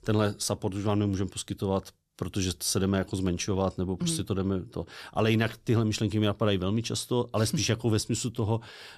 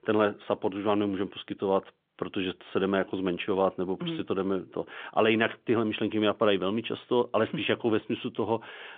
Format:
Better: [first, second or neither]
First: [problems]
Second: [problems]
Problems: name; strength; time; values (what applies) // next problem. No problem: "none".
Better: first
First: none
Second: phone-call audio; nothing above 3.5 kHz